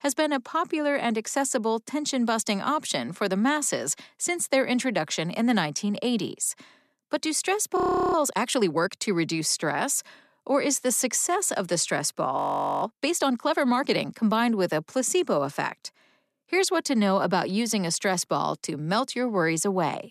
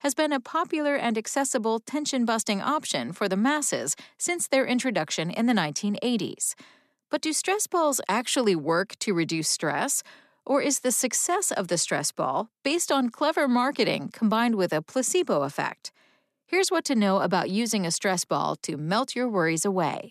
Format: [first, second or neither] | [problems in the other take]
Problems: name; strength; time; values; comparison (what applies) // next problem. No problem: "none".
second | audio freezing; at 8 s and at 12 s